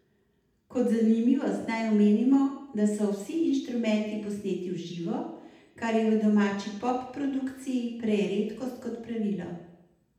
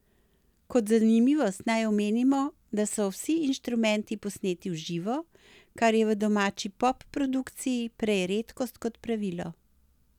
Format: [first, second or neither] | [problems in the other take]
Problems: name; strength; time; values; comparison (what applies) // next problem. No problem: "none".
second | room echo; dies away in 0.8 s